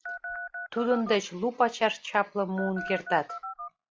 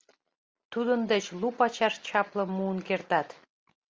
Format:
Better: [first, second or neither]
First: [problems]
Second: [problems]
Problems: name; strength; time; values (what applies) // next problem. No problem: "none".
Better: second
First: noise reduction (classical method log-MMSE)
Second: none